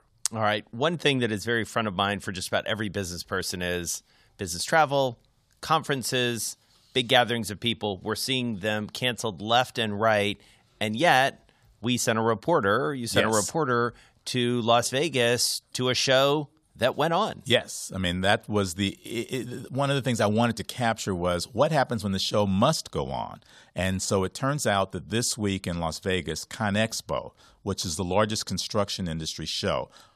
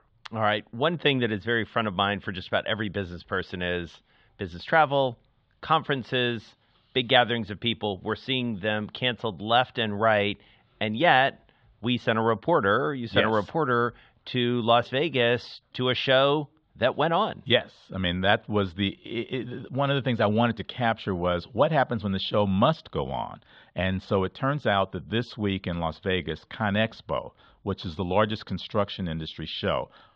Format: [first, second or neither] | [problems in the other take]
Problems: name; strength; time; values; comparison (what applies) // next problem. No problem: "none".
first | muffled; very; fading above 3.5 kHz